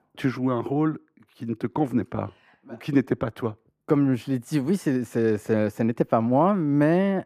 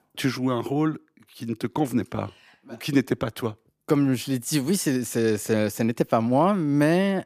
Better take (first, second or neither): second